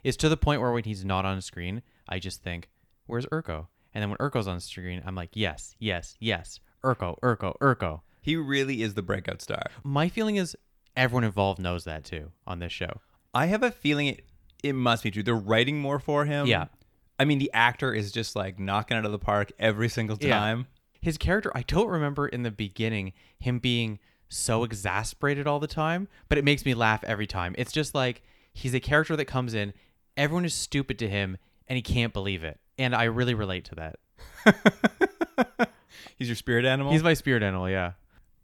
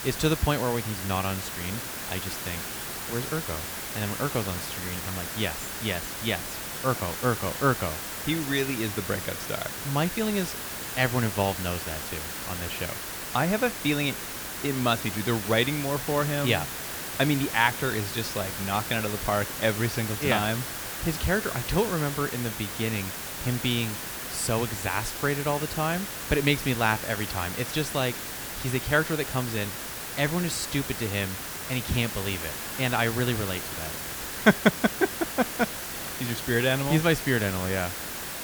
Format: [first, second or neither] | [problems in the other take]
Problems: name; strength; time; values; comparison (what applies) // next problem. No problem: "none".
first | hiss; loud; throughout; 5 dB below the speech